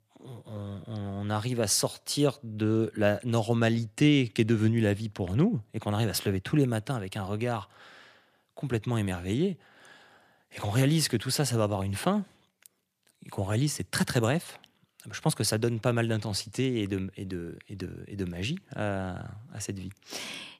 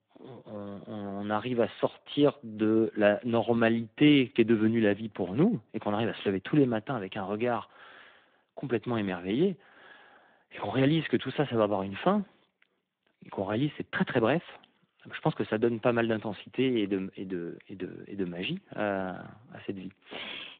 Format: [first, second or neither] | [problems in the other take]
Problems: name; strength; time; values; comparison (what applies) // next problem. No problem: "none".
first | phone-call audio